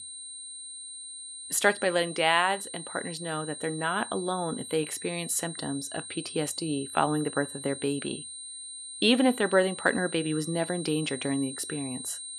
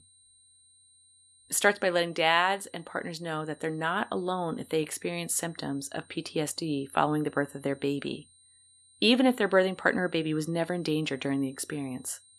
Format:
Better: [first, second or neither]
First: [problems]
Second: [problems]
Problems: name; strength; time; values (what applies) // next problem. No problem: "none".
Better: second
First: high-pitched whine; loud; throughout; 8.5 kHz, 10 dB below the speech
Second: high-pitched whine; faint; throughout; 8.5 kHz, 30 dB below the speech